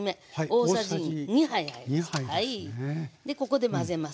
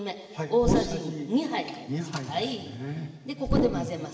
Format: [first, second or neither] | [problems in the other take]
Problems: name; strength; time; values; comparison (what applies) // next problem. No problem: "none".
first | background sound (Whoosh, swoosh, swish); 4 dB above the speech // room echo; dies away in 1.7 s